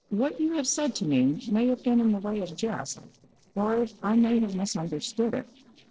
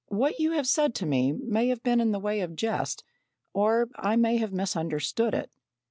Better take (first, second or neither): second